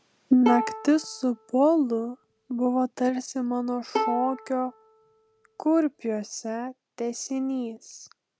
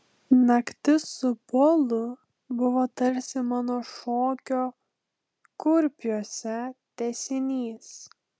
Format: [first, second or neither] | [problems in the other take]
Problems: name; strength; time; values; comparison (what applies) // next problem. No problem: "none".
second | background sound (Bowed string instrument); 8 dB below the speech